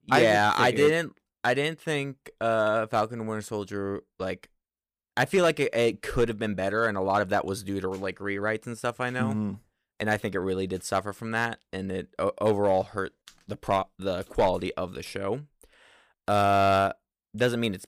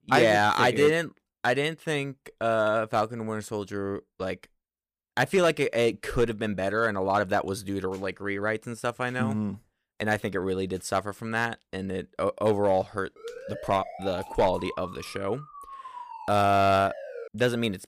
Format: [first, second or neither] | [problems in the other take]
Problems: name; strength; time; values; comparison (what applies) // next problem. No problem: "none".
first | siren; faint; from 13 to 17 s; peak 10 dB below the speech